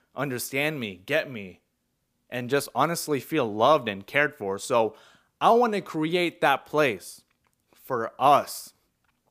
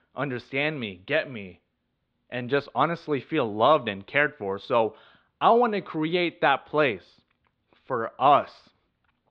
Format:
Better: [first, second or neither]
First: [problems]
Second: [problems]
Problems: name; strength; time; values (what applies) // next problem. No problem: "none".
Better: first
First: none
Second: muffled; slightly; fading above 4 kHz